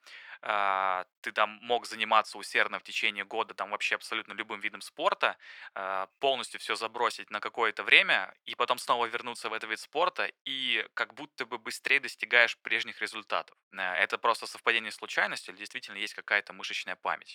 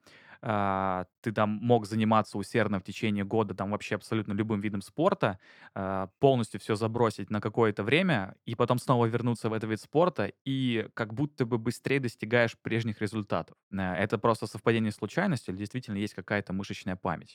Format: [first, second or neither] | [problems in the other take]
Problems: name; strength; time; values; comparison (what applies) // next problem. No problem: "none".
second | thin; very; fading below 750 Hz